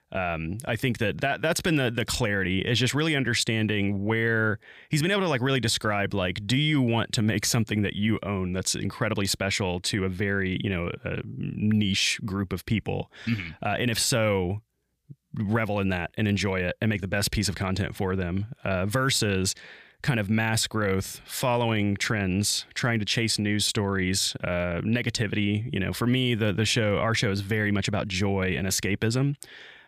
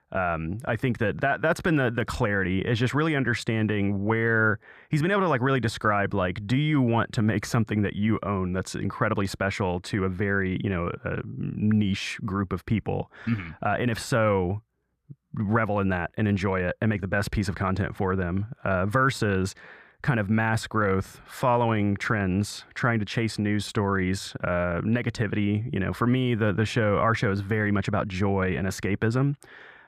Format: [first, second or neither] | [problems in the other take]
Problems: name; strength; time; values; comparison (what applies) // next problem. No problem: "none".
first | muffled; slightly; fading above 2 kHz